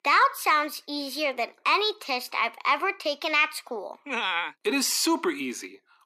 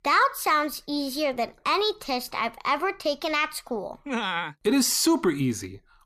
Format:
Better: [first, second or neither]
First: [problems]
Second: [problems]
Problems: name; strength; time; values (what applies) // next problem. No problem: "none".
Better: second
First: thin; very slightly; fading below 300 Hz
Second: none